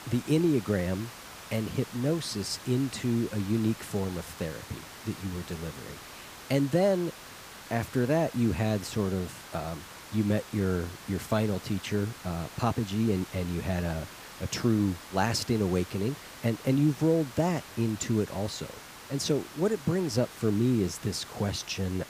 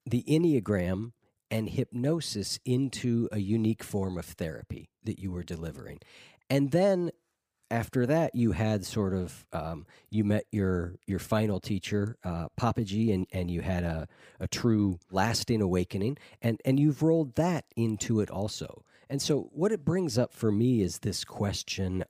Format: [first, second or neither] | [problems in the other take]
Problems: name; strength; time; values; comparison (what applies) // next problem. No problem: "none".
second | hiss; noticeable; throughout; 15 dB below the speech